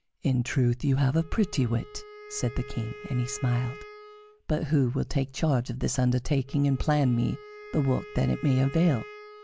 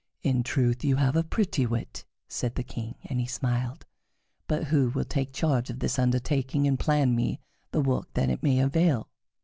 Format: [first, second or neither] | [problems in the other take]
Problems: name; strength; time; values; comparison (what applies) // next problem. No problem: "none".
second | background sound (Wind instrument, woodwind instrument); 19 dB below the speech